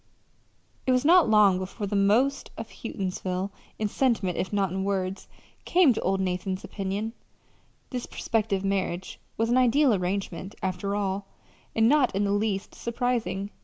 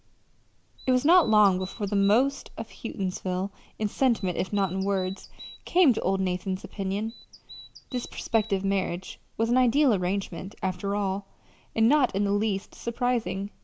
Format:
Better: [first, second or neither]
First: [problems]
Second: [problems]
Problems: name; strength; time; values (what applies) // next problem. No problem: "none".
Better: first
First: none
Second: background sound (Bird vocalization, bird call, bird song); 19 dB below the speech